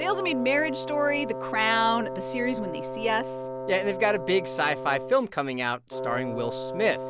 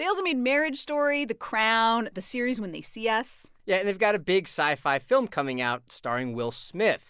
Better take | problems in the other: second | background sound (Wind instrument, woodwind instrument); 7 dB below the speech

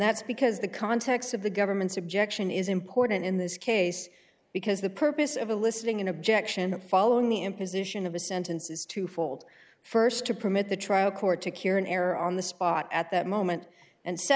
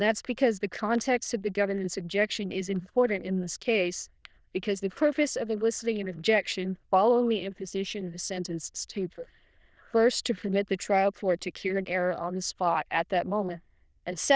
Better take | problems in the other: first | noise reduction (neural diffusion model UNIVERSE++)

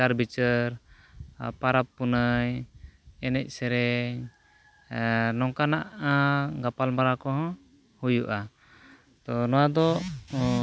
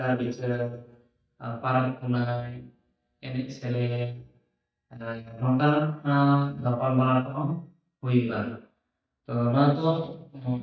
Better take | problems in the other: first | noise reduction (neural mask model DeepFilterNet 3)

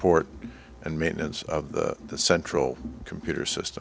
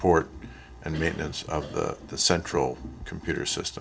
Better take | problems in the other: first | background sound (Cough); 18 dB below the speech // room echo; dies away in 0.2 s

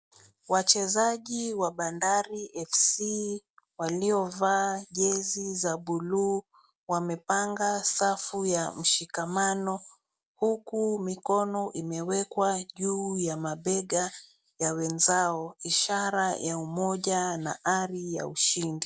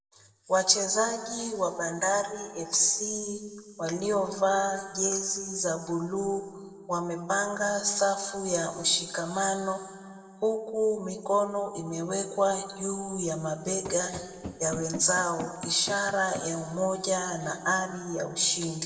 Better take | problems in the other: first | background sound (Run); 12 dB below the speech // room echo; dies away in 1.6 s

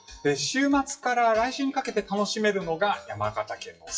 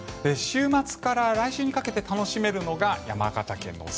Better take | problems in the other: second | noise reduction (classical method WPE with log-MMSE)

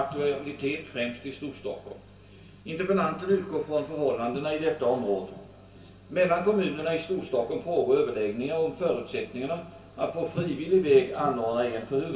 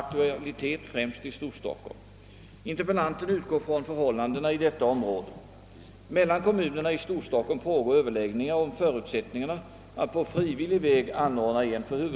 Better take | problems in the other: second | room echo; dies away in 0.3 s

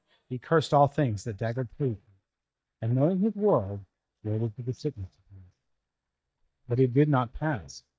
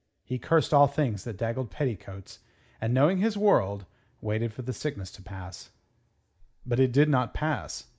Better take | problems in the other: second | noise reduction (neural mask model DeepFilterNet 3)

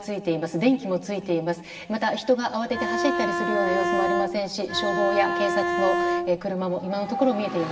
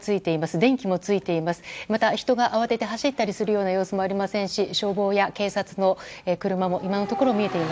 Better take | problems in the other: second | background sound (Bowed string instrument); as loud as the speech // room echo; dies away in 1.3 s

